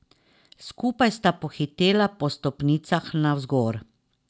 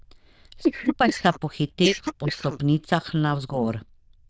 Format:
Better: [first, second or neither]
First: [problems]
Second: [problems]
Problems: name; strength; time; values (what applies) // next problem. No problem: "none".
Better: first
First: none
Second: noise reduction (neural diffusion model UNIVERSE++)